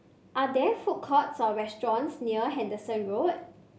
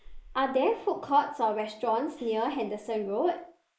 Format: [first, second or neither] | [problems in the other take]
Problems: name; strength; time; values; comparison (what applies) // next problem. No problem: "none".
first | noise reduction (neural mask model Resemble Enhance denoiser)